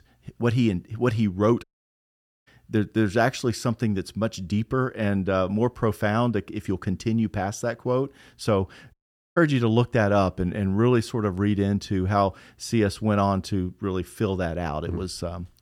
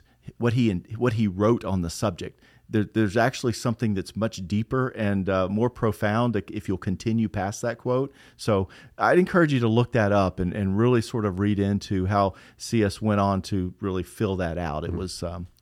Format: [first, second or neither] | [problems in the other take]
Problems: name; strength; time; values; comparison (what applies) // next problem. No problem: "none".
second | audio cutting out; at 1.5 s for 1 s and at 9 s